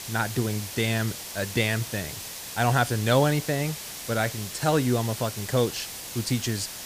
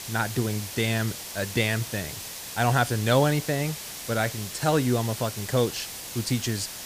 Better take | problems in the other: neither | hiss; loud; throughout; 8 dB below the speech; the same in both

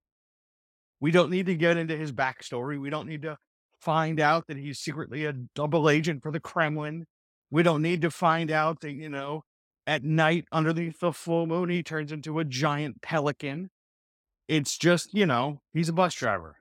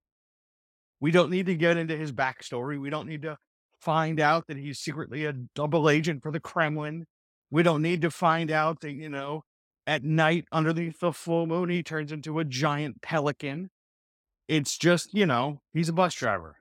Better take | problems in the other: neither | none

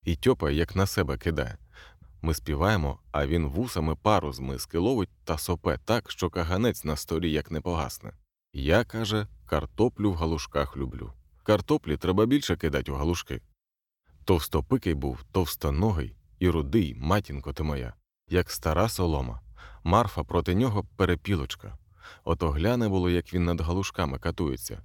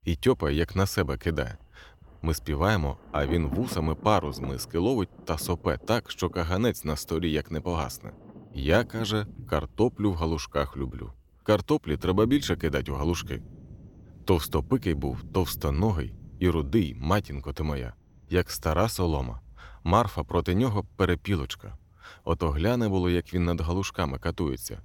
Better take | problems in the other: first | rain or running water; noticeable; throughout; 15 dB below the speech

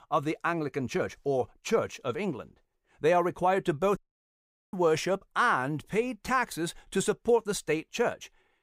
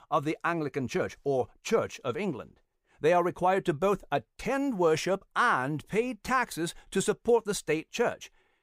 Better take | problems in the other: second | audio cutting out; at 4 s for 1 s

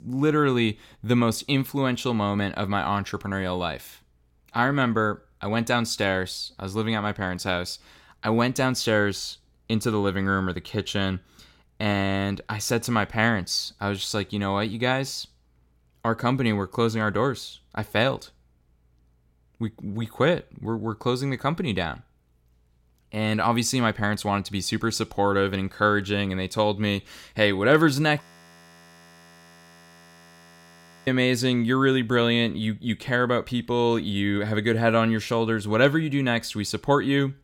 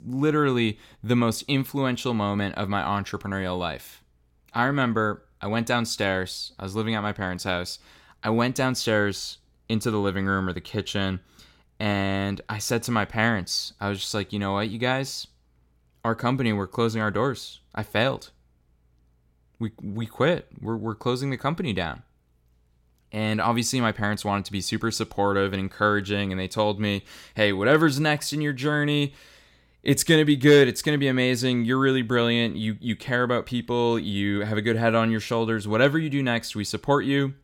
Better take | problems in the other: second | audio freezing; at 28 s for 3 s

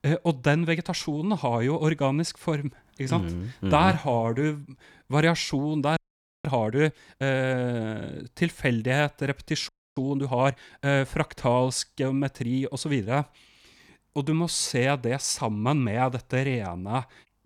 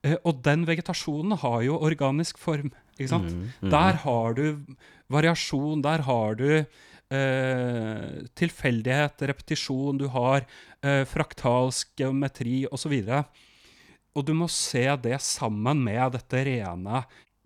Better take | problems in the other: second | audio freezing; at 6 s and at 9.5 s

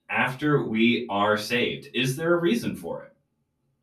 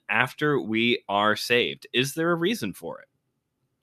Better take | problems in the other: second | off-mic speech; far // room echo; very slight; dies away in 0.3 s

